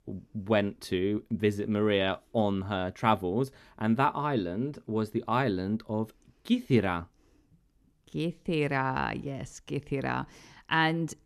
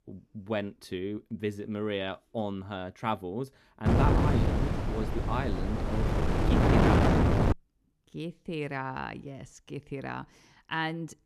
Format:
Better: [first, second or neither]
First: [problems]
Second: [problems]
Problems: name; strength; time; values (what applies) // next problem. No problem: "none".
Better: first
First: none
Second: wind noise on the microphone; heavy; from 4 to 7.5 s; 4 dB above the speech